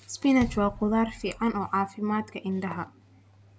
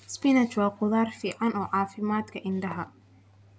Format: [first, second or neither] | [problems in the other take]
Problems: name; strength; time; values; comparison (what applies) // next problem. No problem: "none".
second | background sound (Bass drum); 14 dB below the speech